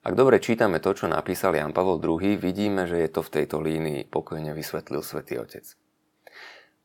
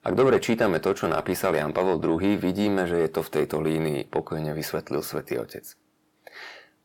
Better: first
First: none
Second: distortion; slight; 10 dB below the speech

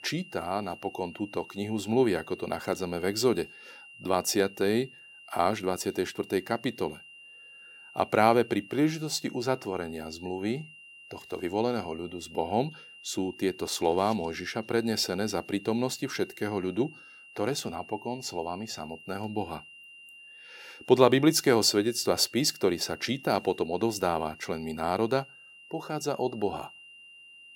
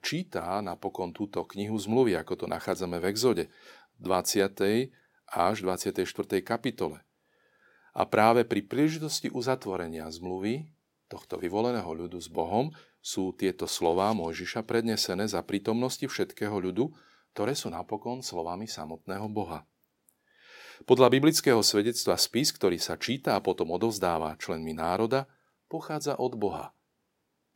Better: second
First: high-pitched whine; noticeable; throughout; 3 kHz, 20 dB below the speech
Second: none

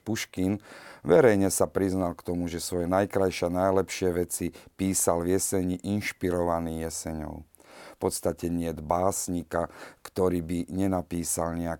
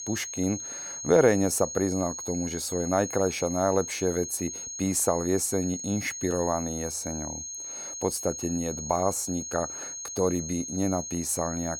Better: first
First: none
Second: high-pitched whine; loud; throughout; 6.5 kHz, 6 dB below the speech

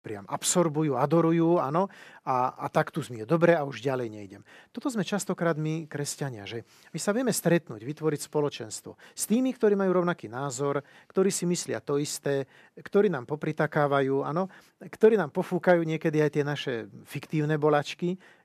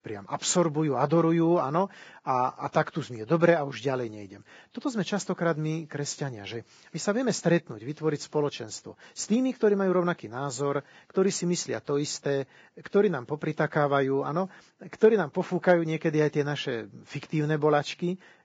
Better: first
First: none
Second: garbled, watery; badly; nothing above 7.5 kHz

